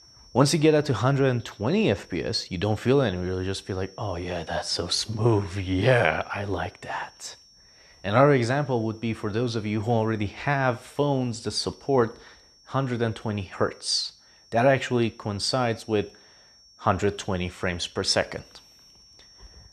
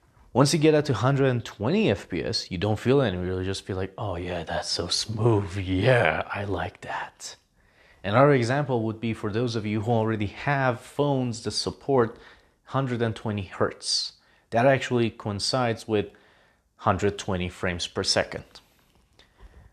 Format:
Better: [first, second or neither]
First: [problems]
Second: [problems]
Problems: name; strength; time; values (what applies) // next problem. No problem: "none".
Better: second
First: high-pitched whine; faint; throughout; 5.5 kHz, 25 dB below the speech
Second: none